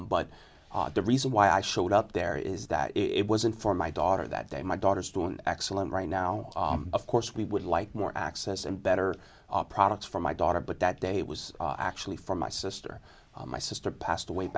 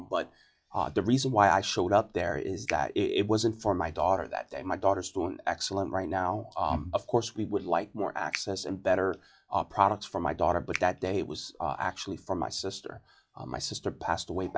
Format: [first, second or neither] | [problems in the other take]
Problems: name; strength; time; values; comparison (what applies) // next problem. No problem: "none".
first | noise reduction (classical method log-MMSE)